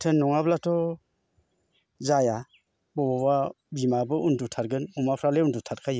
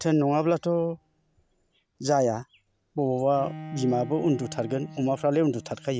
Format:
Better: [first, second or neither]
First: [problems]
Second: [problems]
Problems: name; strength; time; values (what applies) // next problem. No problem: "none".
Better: first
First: none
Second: background sound (Bowed string instrument); 17 dB below the speech